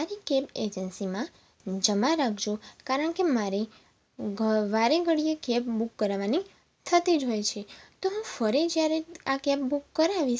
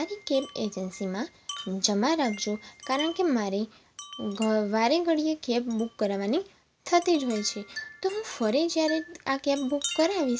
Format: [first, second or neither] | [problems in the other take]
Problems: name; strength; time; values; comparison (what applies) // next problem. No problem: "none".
first | background sound (Wind chime); 16 dB below the speech